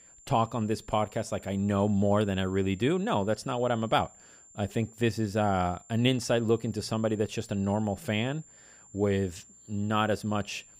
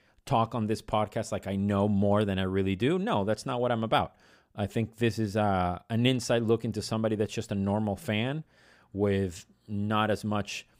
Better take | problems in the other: second | high-pitched whine; faint; throughout; 7.5 kHz, 25 dB below the speech

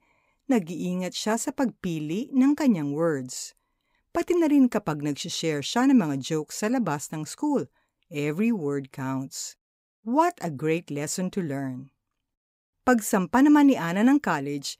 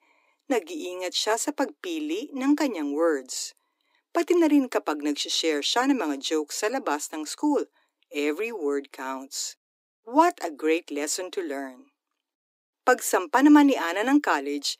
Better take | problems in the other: first | thin; very slightly; fading below 300 Hz

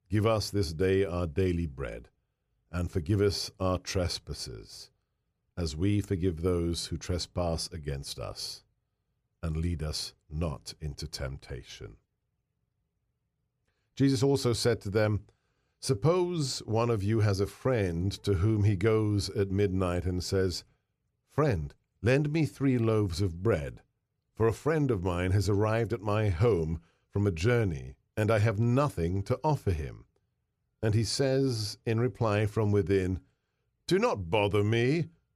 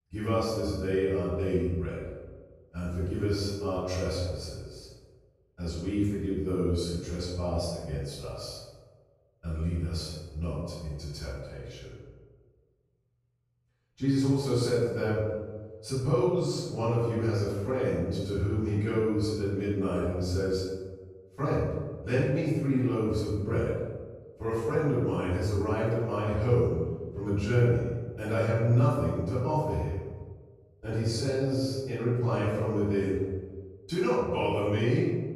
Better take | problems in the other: first | off-mic speech; far // room echo; strong; dies away in 1.2 s

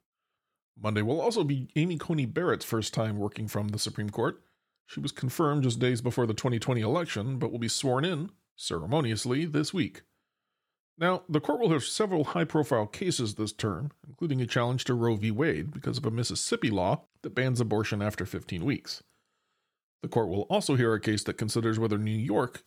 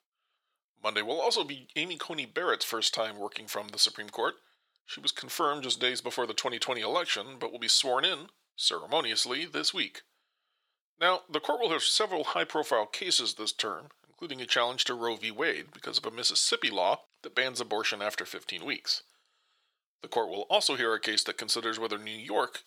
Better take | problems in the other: first | thin; very; fading below 650 Hz

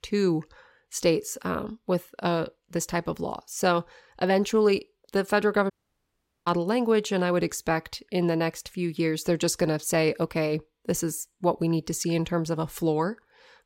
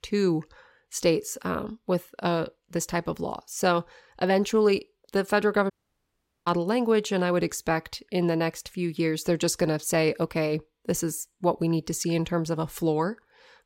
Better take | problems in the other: neither | audio cutting out; at 5.5 s for 1 s; the same in both

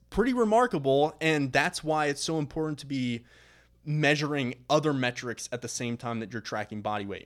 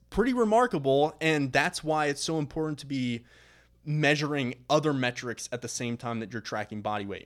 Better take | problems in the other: neither | none

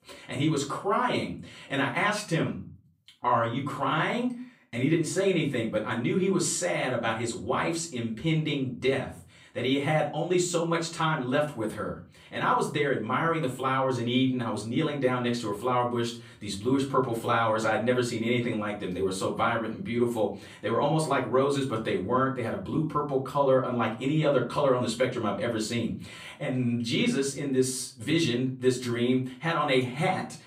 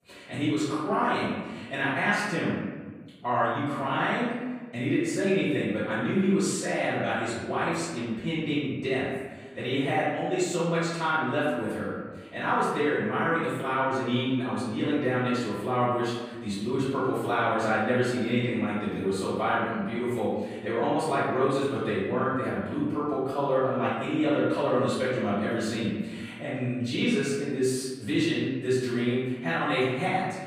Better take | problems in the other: first | room echo; strong; dies away in 1.3 s; slight in the first // off-mic speech; far; far in the first

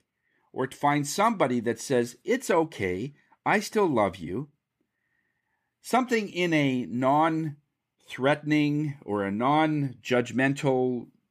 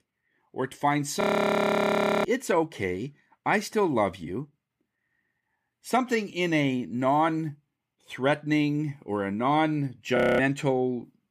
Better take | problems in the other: first | audio freezing; at 1 s for 1 s and at 10 s

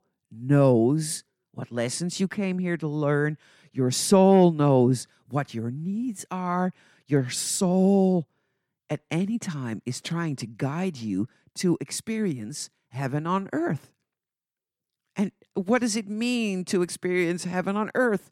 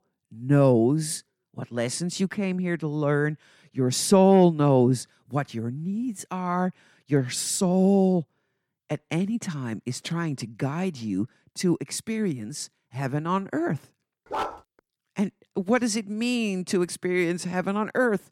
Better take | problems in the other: first | dog barking; noticeable; at 14 s; peak 6 dB below the speech

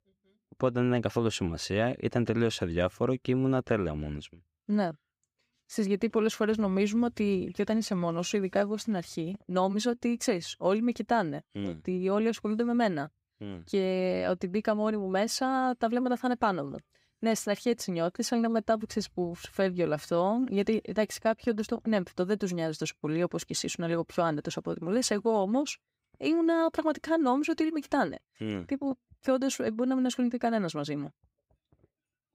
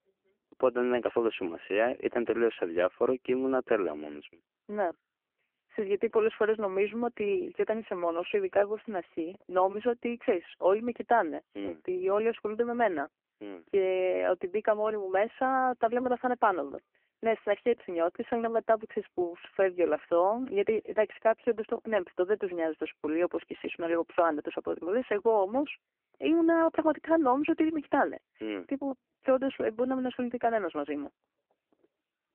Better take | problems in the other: first | phone-call audio; poor line

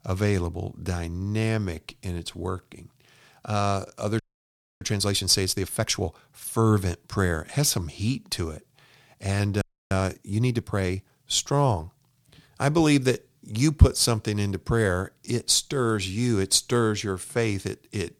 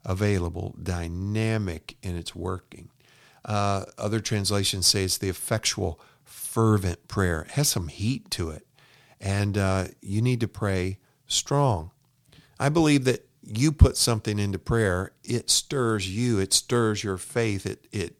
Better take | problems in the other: second | audio freezing; at 4 s for 0.5 s and at 9.5 s

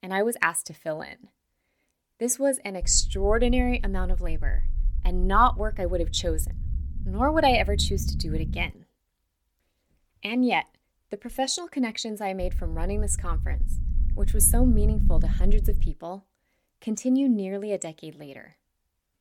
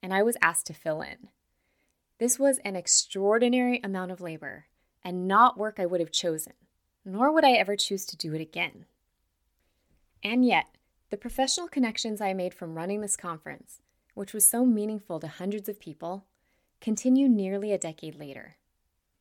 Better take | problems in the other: second | low rumble; faint; from 3 to 8.5 s and from 12 to 16 s; 20 dB below the speech

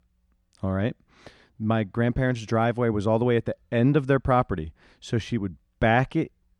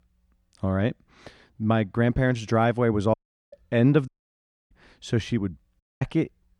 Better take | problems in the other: first | audio cutting out; at 3 s, at 4 s for 0.5 s and at 6 s

